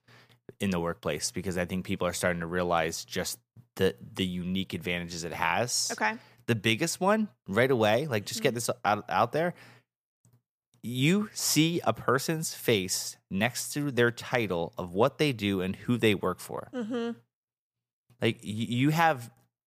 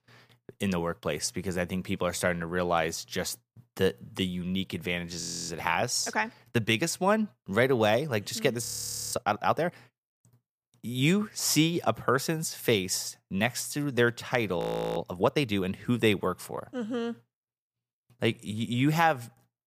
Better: first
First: none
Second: audio freezing; at 5 s, at 8.5 s and at 15 s

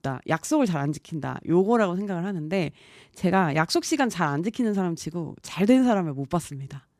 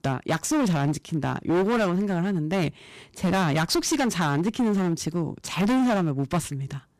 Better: first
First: none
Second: distortion; heavy; 17% of the sound clipped

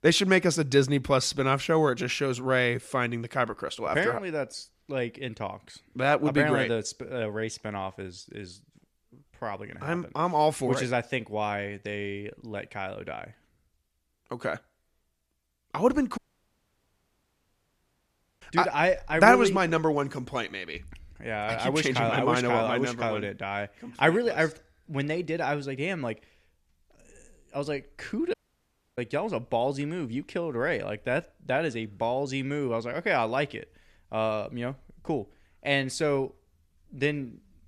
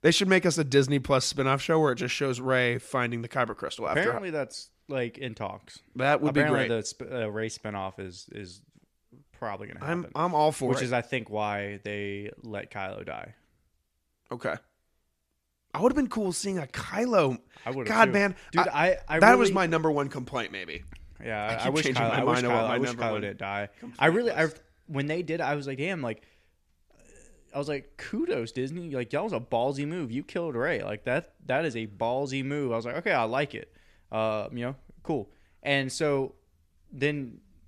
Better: second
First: audio cutting out; at 16 s for 2 s and at 28 s for 0.5 s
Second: none

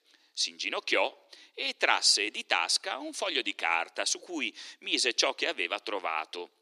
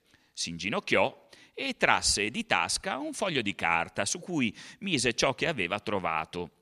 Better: second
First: thin; somewhat; fading below 300 Hz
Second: none

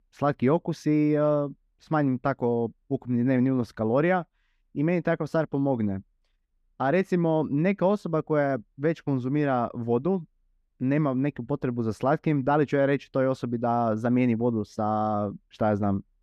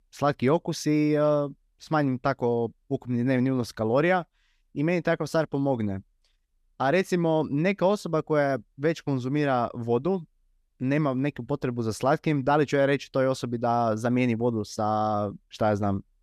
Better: second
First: muffled; slightly; fading above 3 kHz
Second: none

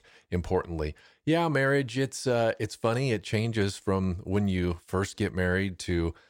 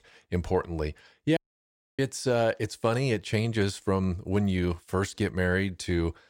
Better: first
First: none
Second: audio cutting out; at 1.5 s for 0.5 s

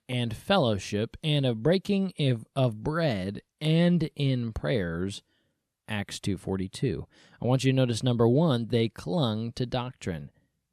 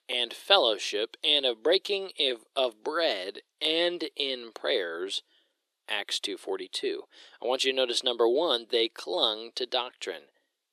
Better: first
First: none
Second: thin; very; fading below 350 Hz

